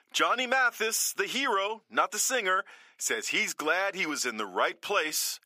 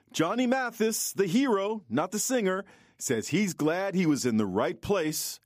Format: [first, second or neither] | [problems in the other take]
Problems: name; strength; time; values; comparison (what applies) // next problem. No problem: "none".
second | thin; very; fading below 600 Hz